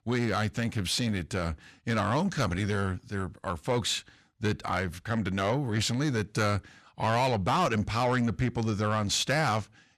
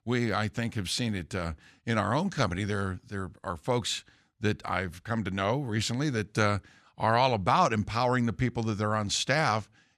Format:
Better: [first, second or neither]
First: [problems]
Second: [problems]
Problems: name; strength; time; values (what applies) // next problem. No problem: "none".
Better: second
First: distortion; slight; 10 dB below the speech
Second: none